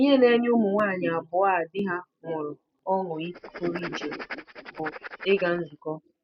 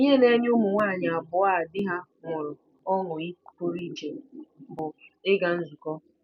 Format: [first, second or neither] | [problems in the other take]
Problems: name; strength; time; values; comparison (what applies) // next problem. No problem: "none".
second | noise reduction (neural mask model RNNoise)